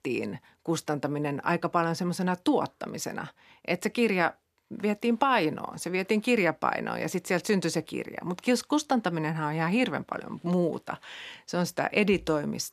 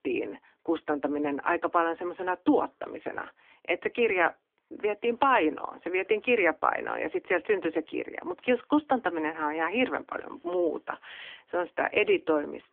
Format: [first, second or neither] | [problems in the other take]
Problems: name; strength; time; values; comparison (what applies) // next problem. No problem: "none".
first | phone-call audio